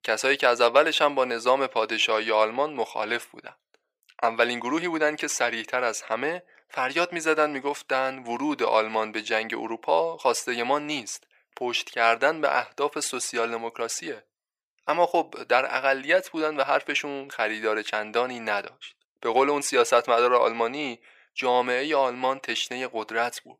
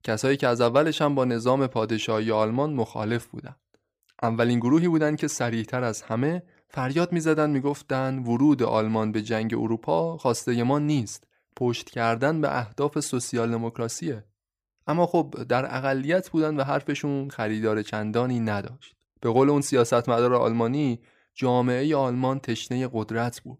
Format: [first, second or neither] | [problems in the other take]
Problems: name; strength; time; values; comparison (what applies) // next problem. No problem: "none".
second | thin; very; fading below 600 Hz